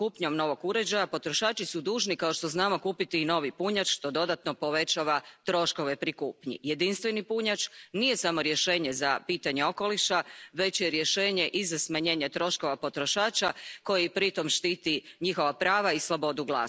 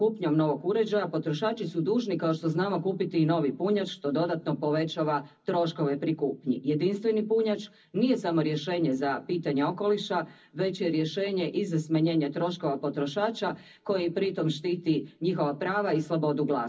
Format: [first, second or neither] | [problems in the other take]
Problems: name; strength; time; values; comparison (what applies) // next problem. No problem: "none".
first | room echo; dies away in 0.4 s